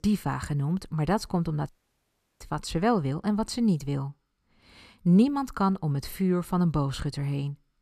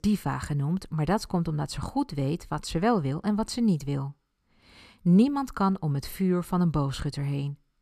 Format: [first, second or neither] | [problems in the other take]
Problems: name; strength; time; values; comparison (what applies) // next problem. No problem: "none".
second | audio cutting out; at 1.5 s for 0.5 s